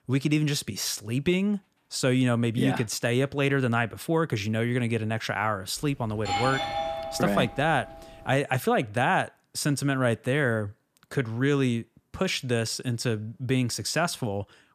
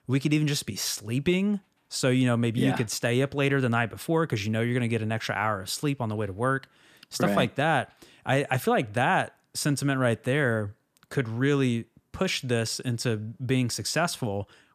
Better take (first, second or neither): second